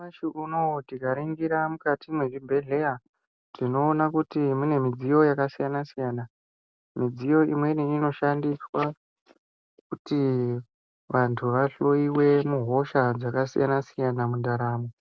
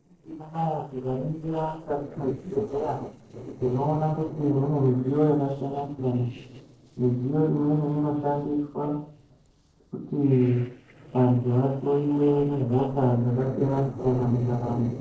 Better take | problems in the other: first | noise reduction (neural separator model SepFormer DNS4)

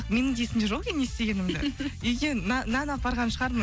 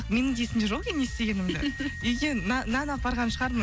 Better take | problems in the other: first | background sound (Wind instrument, woodwind instrument); 16 dB below the speech

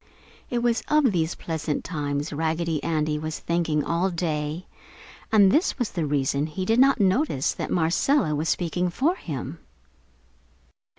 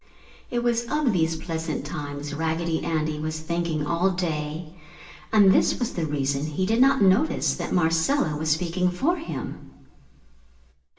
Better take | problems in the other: first | room echo; dies away in 0.9 s

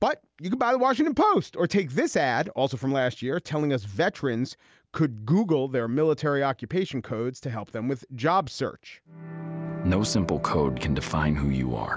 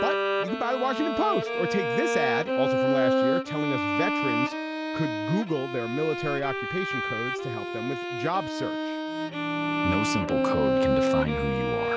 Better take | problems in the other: first | background sound (Bowed string instrument); 3 dB above the speech

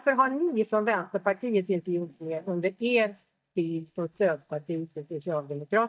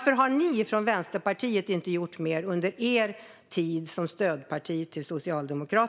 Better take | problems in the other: second | noise reduction (neural mask model DeepFilterNet 3)

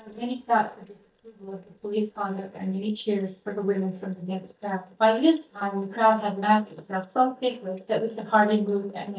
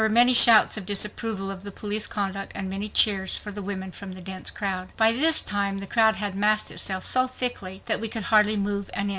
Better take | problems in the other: second | noise reduction (neural mask model DeepFilterNet 3)

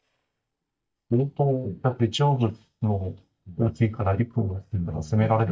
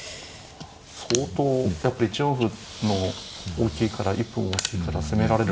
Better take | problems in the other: second | noise reduction (neural mask model DeepFilterNet 3)

